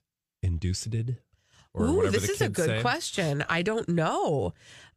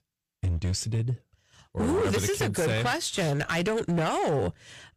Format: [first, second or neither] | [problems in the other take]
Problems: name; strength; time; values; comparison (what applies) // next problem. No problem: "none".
first | distortion; slight; 15% of the sound clipped